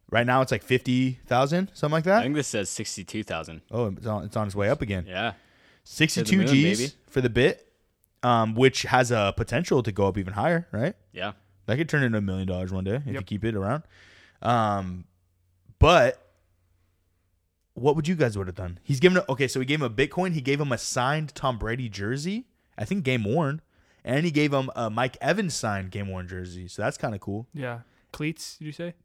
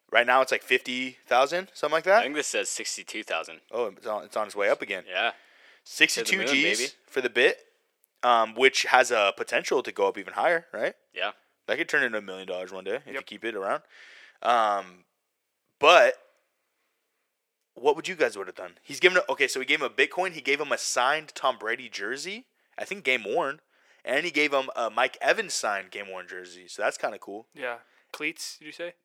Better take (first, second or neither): first